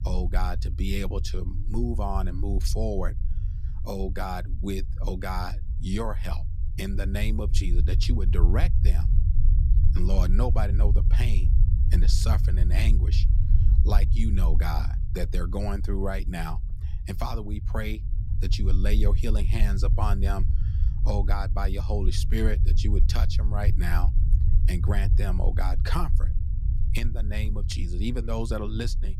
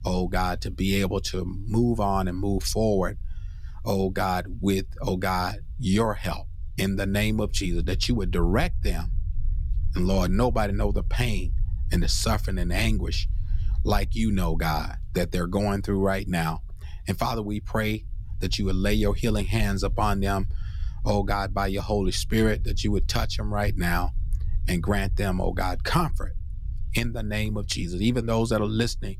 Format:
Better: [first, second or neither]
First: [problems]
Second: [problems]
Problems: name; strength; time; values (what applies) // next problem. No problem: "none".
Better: second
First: low rumble; loud; throughout; 10 dB below the speech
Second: low rumble; faint; throughout; 25 dB below the speech